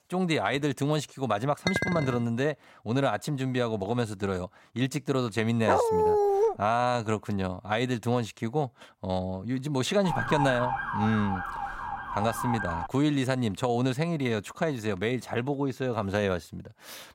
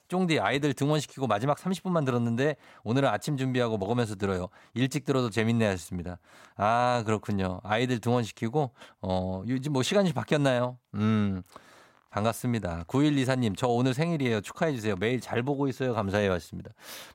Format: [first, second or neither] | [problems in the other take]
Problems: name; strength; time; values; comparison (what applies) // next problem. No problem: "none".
second | clattering dishes; loud; at 1.5 s; peak level with the speech // dog barking; loud; at 5.5 s; peak 5 dB above the speech // siren; noticeable; from 10 to 13 s; peak level with the speech